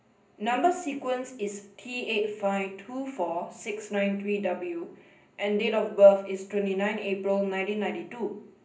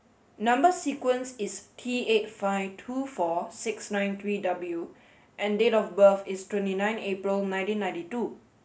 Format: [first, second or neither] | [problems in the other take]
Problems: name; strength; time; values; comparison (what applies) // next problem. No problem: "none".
second | room echo; dies away in 0.5 s